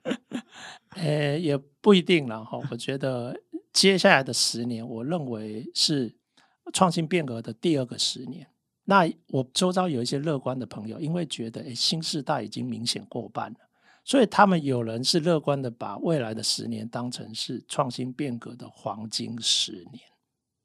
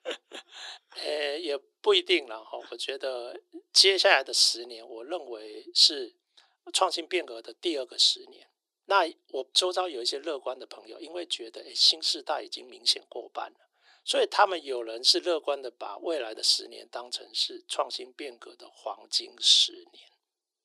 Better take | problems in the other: first | thin; very; fading below 350 Hz

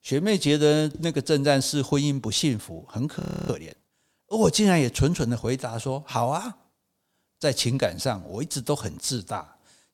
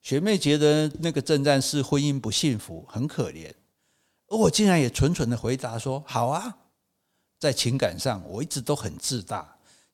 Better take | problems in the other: second | audio freezing; at 3 s

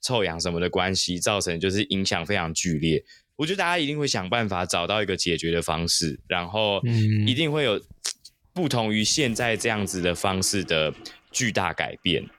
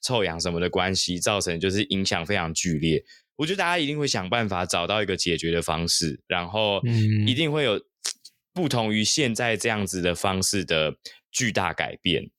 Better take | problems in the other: second | household noises; faint; throughout; 25 dB below the speech

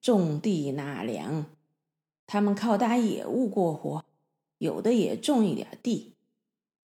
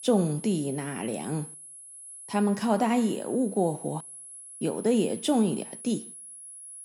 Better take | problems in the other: first | high-pitched whine; noticeable; throughout; 10.5 kHz, 15 dB below the speech

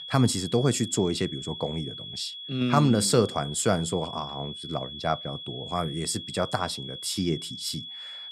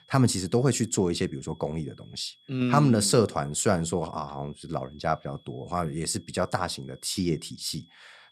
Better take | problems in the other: second | high-pitched whine; loud; throughout; 3.5 kHz, 9 dB below the speech; faint in the second

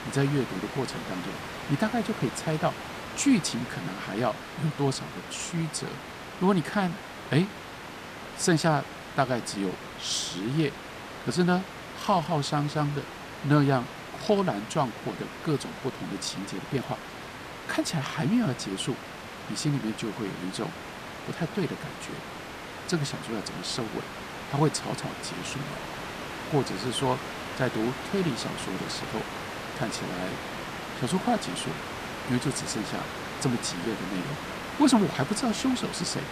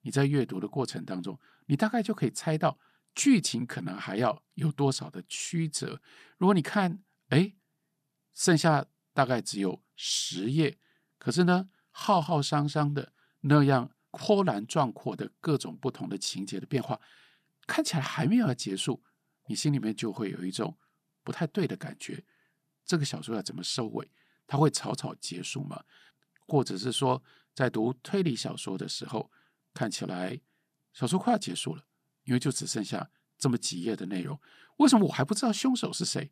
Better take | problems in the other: second | hiss; loud; throughout; 8 dB below the speech

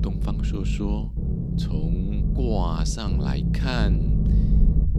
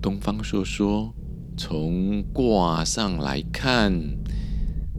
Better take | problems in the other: second | low rumble; loud; throughout; 3 dB below the speech; faint in the second

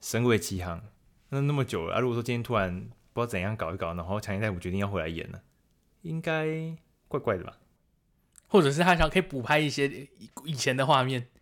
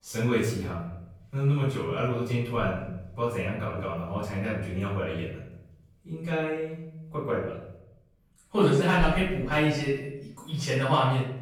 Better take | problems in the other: first | off-mic speech; far // room echo; noticeable; dies away in 0.8 s

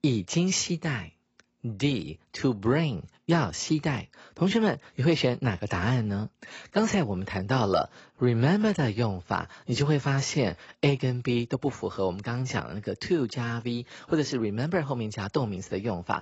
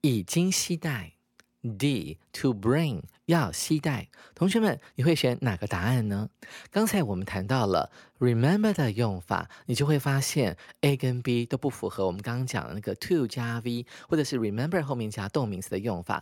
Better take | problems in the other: second | garbled, watery; badly; nothing above 7.5 kHz

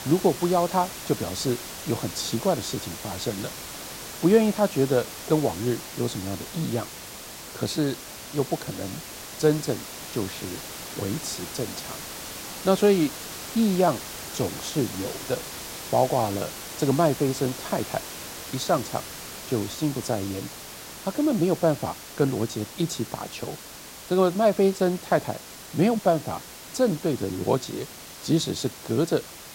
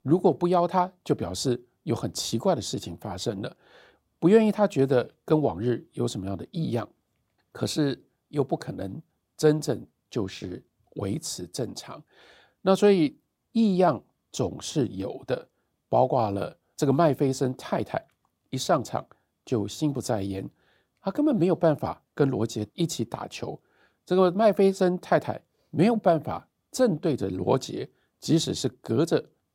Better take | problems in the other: second | hiss; noticeable; throughout; 10 dB below the speech

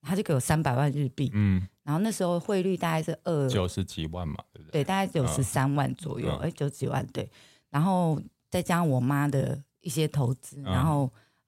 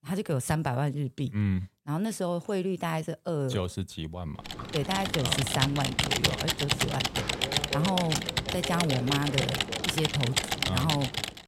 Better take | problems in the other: first | keyboard typing; loud; from 4.5 s on; peak 6 dB above the speech

